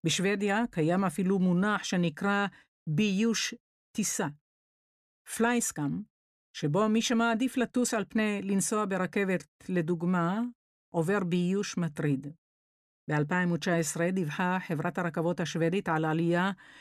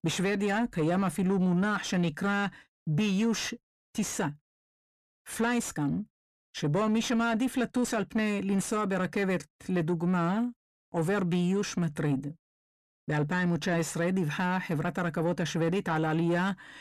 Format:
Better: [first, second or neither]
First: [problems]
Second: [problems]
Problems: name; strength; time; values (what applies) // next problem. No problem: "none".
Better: first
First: none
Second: distortion; slight; 10 dB below the speech